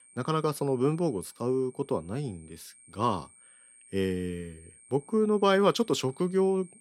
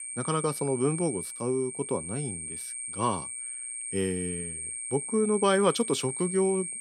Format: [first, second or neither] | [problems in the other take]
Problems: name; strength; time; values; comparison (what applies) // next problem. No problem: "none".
first | high-pitched whine; loud; throughout; 8.5 kHz, 5 dB below the speech; faint in the first